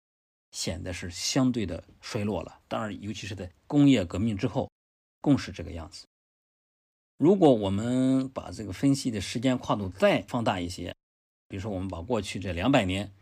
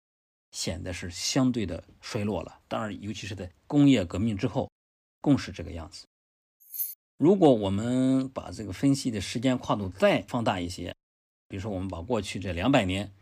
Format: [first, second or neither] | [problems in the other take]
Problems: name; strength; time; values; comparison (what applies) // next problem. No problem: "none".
first | jangling keys; noticeable; at 6.5 s; peak 5 dB below the speech